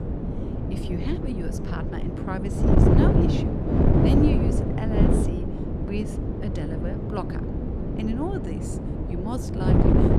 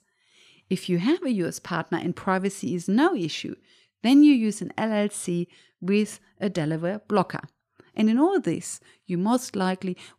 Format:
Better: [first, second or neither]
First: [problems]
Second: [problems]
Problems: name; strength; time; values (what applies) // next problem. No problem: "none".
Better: second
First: wind noise on the microphone; heavy; 5 dB above the speech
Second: none